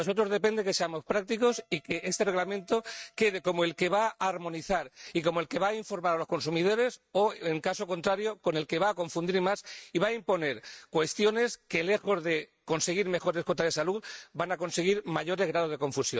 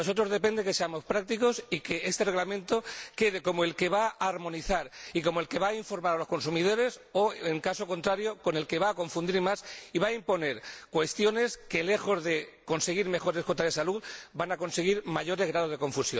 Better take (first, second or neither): second